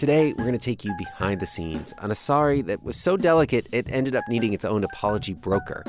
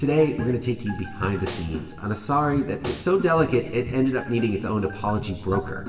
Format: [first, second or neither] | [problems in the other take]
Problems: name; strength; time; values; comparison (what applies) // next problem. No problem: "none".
first | background sound (Snare drum); 17 dB below the speech // room echo; dies away in 1.2 s